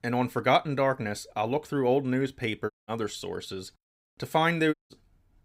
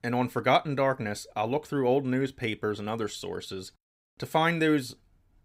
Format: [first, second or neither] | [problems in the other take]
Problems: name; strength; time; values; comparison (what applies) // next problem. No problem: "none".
second | audio cutting out; at 2.5 s and at 4.5 s